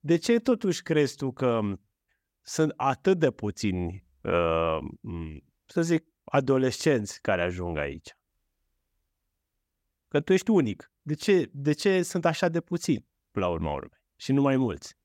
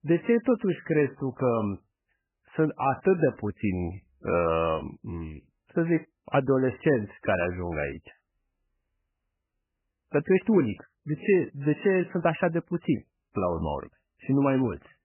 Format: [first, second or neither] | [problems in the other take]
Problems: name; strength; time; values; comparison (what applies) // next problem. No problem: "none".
first | garbled, watery; badly; nothing above 3 kHz